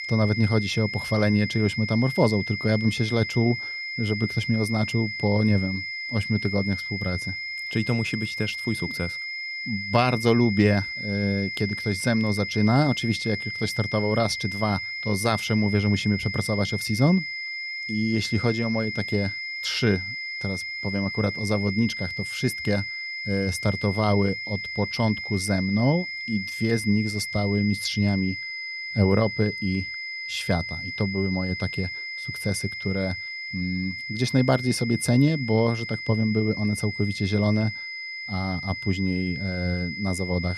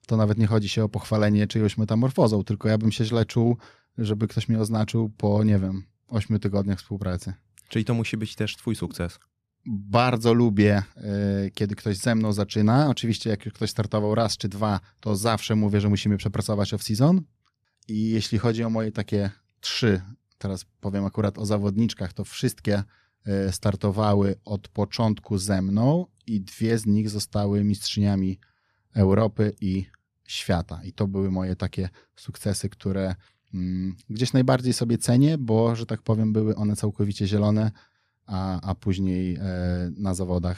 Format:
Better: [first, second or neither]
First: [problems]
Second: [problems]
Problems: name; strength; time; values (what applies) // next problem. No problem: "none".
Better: second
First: high-pitched whine; loud; throughout; 2 kHz, 5 dB below the speech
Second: none